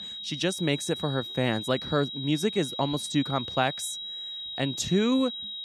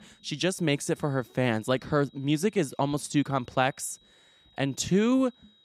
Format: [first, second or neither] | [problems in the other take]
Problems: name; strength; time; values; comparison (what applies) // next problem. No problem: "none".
second | high-pitched whine; loud; throughout; 4 kHz, 6 dB below the speech; faint in the second